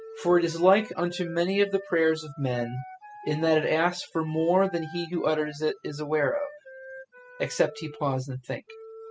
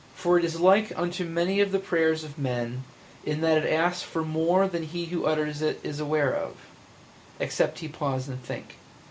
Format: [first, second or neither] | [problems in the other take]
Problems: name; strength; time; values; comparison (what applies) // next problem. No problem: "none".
second | noise reduction (classical method spectral subtraction)